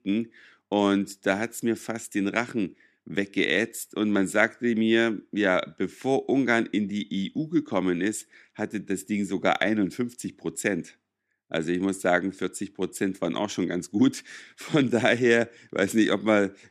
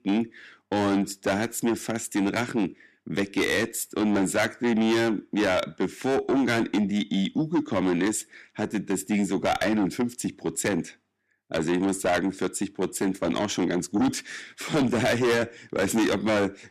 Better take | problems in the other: first | distortion; heavy; 6 dB below the speech

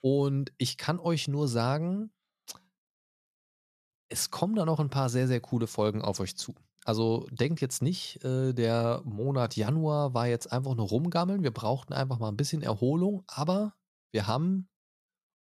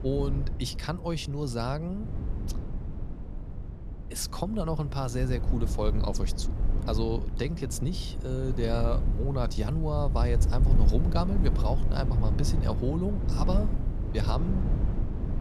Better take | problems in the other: first | wind noise on the microphone; heavy; 9 dB below the speech

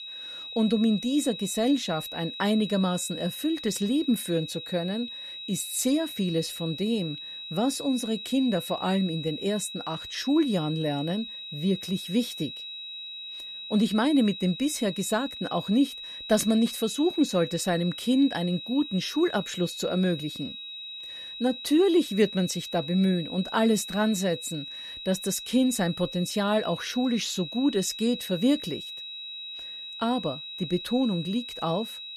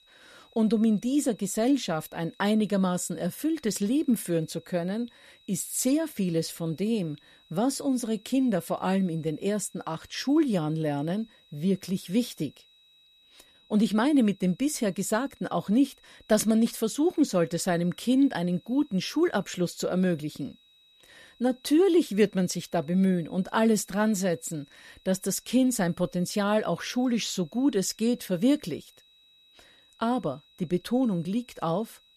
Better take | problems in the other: second | high-pitched whine; loud; throughout; 4 kHz, 9 dB below the speech; faint in the second

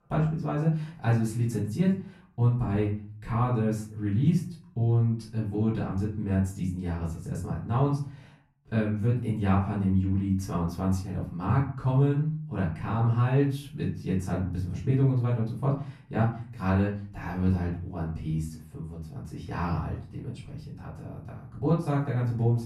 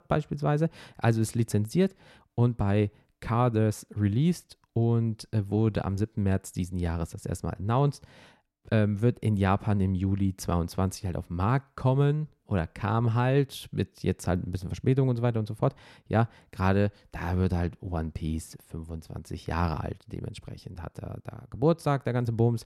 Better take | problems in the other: second | room echo; noticeable; dies away in 0.5 s // off-mic speech; far

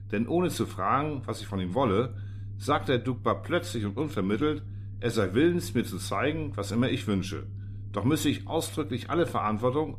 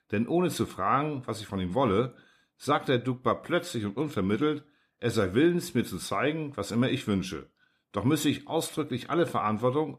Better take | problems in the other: second | low rumble; faint; throughout; 25 dB below the speech

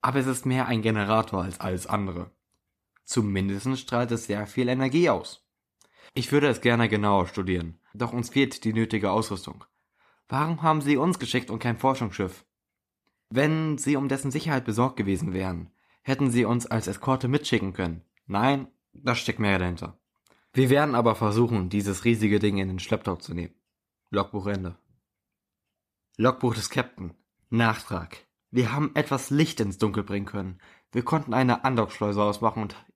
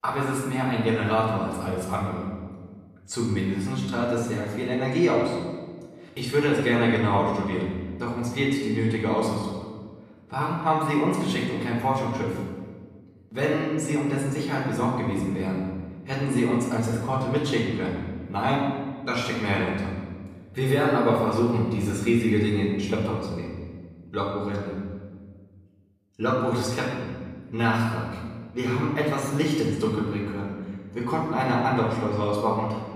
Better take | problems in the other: first | off-mic speech; far // room echo; noticeable; dies away in 1.3 s

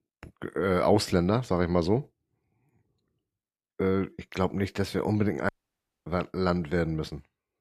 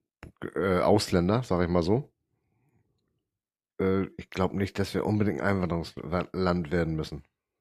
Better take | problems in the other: second | audio cutting out; at 5.5 s for 0.5 s

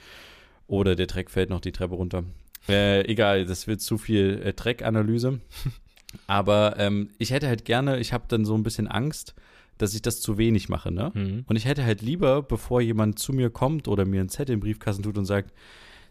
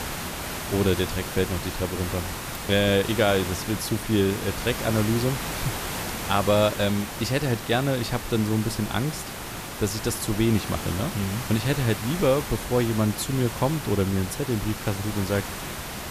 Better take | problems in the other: first | hiss; loud; throughout; 7 dB below the speech

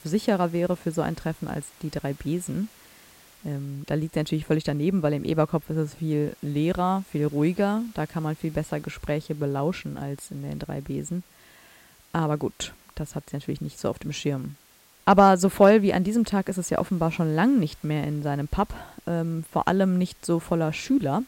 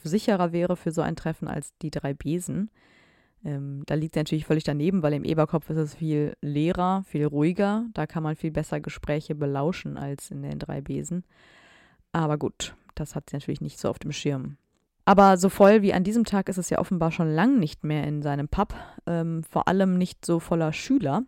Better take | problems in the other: second | hiss; faint; throughout; 25 dB below the speech

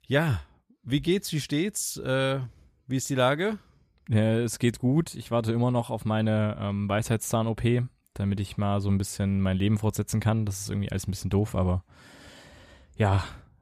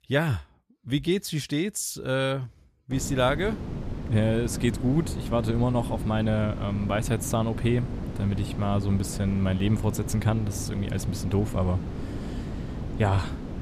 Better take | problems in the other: first | wind noise on the microphone; occasional gusts; from 3 s on; 10 dB below the speech

